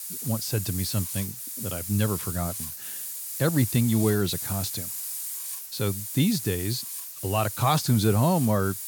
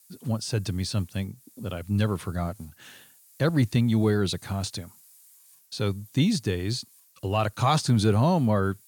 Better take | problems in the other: second | hiss; loud; throughout; 6 dB below the speech; faint in the second

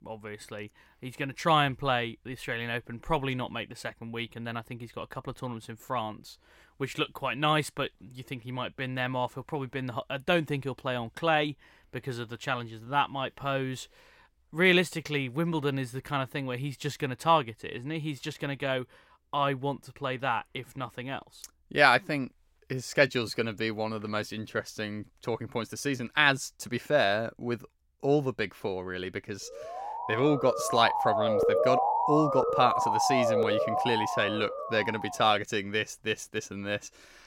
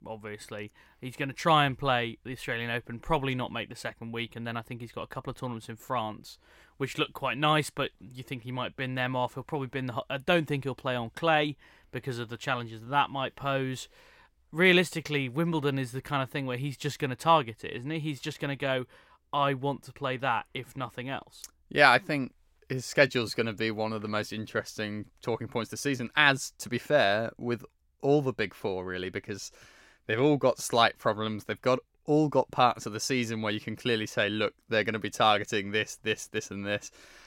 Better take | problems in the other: second | siren; loud; from 30 to 35 s; peak 5 dB above the speech

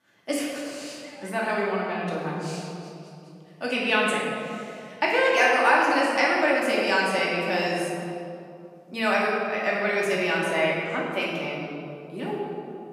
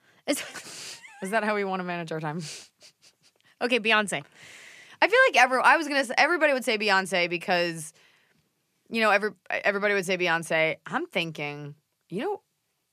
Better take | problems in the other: second | room echo; strong; dies away in 2.2 s // off-mic speech; far

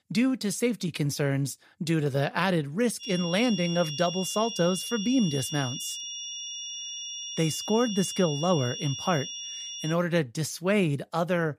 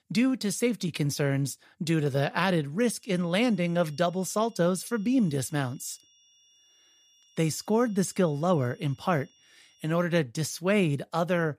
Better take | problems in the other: second | high-pitched whine; loud; from 3 to 10 s; 3 kHz, 7 dB below the speech; faint in the second

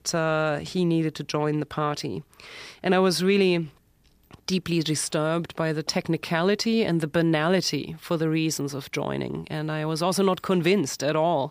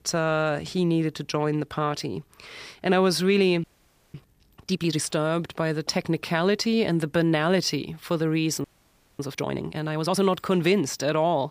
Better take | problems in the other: first | audio freezing; at 3.5 s and at 8.5 s for 0.5 s

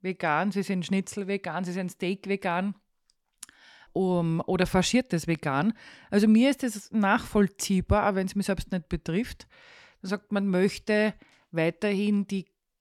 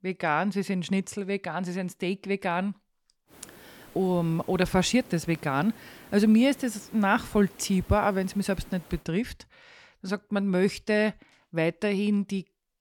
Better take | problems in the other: first | hiss; faint; from 3.5 to 9 s; 25 dB below the speech

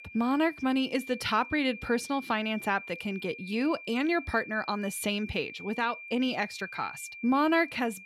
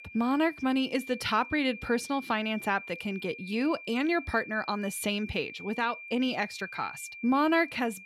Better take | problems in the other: neither | high-pitched whine; noticeable; throughout; 2.5 kHz, 15 dB below the speech; the same in both

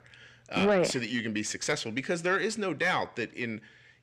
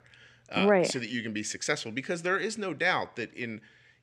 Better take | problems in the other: second | distortion; slight; 10 dB below the speech

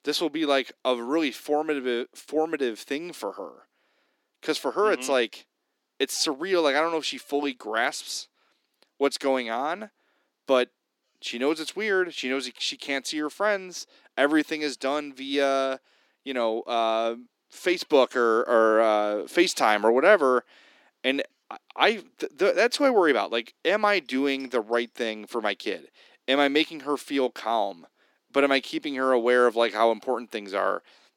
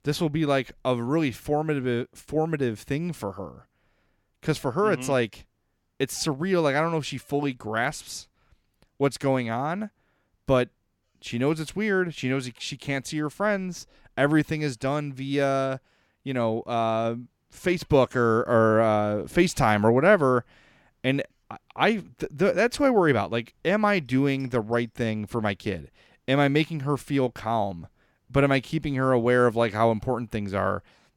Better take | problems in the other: second | thin; very slightly; fading below 300 Hz

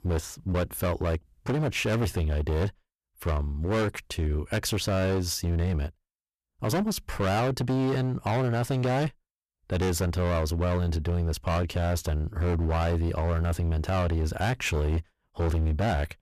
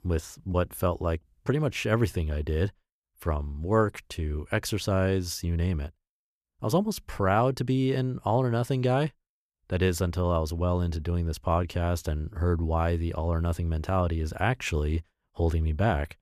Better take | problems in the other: second | distortion; heavy; 23% of the sound clipped

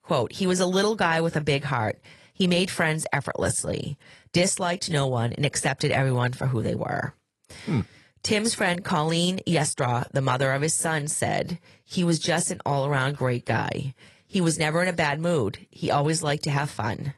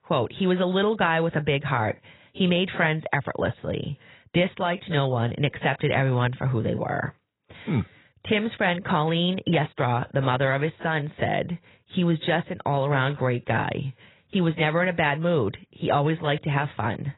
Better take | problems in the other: first | garbled, watery; badly; nothing above 4 kHz; slightly in the first

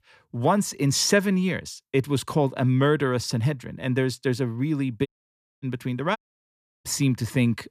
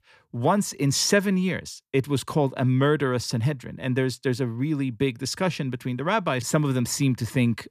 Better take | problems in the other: second | audio cutting out; at 5 s for 0.5 s and at 6 s for 0.5 s

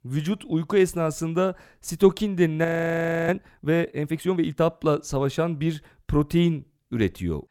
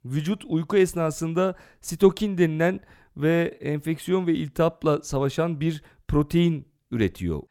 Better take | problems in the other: second | audio freezing; at 2.5 s for 0.5 s

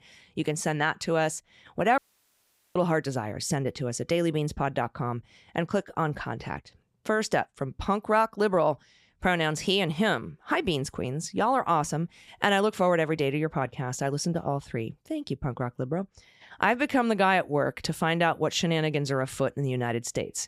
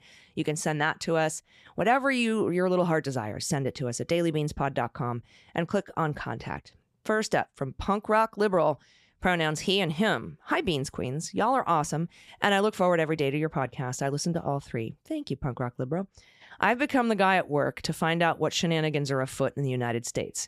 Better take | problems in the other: second | audio cutting out; at 2 s for 1 s

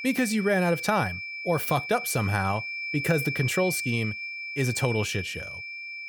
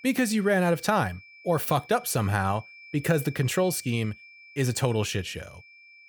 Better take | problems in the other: second | high-pitched whine; loud; throughout; 2.5 kHz, 5 dB below the speech; faint in the second

